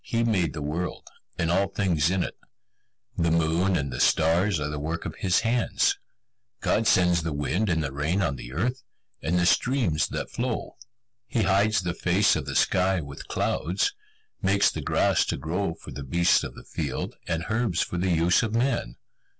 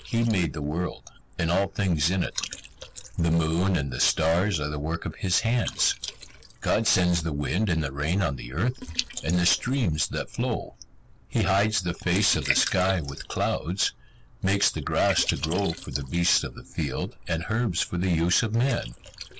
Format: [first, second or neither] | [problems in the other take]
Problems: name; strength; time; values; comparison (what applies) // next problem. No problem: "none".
first | noise reduction (neural mask model Resemble Enhance denoiser)